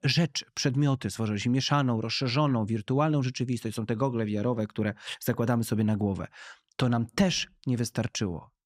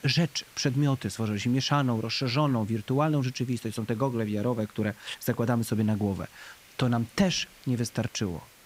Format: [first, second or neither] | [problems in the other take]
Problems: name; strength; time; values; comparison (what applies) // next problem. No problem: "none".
first | hiss; faint; throughout; 25 dB below the speech